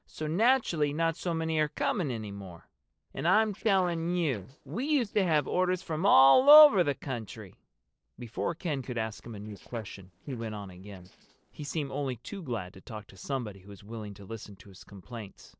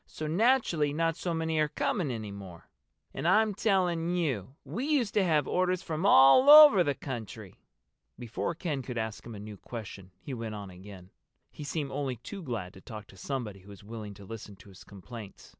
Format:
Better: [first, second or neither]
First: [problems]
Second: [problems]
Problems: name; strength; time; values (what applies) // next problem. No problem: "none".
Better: second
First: noise reduction (neural separator model SepFormer DNS4)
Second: none